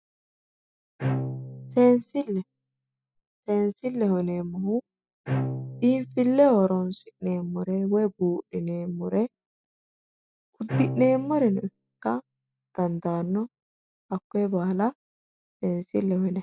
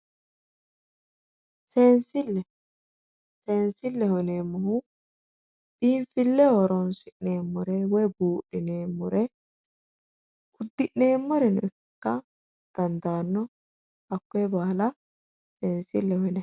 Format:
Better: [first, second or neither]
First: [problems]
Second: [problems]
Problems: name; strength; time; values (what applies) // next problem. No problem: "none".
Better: second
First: noise reduction (classical method spectral subtraction)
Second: none